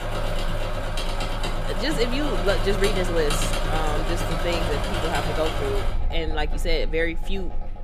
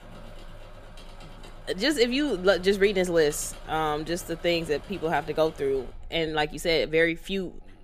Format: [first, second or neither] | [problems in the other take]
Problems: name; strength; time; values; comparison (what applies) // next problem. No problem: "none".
second | machinery noise; loud; throughout; as loud as the speech; faint in the second